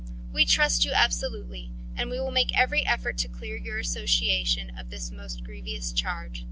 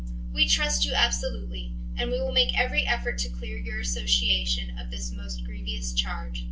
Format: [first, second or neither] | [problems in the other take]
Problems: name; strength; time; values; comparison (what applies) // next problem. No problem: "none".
first | room echo; dies away in 0.2 s